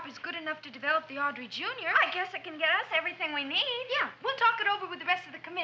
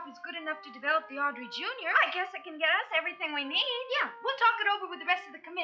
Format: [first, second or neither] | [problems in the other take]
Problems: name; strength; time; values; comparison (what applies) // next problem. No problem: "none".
first | noise reduction (classical method log-MMSE)